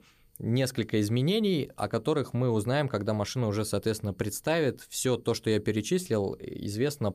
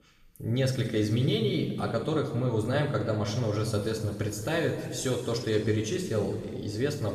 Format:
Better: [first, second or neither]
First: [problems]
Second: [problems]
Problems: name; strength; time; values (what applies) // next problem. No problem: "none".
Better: first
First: none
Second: room echo; noticeable; dies away in 2.1 s // off-mic speech; somewhat distant